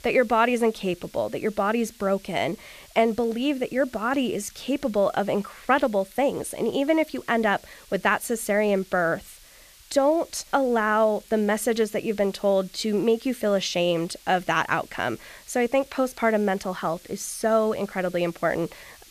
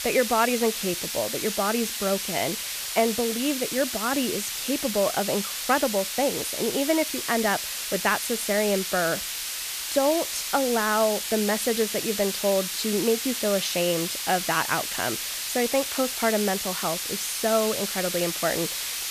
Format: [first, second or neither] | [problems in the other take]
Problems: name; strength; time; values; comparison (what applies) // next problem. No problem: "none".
first | hiss; loud; throughout; 2 dB below the speech; faint in the first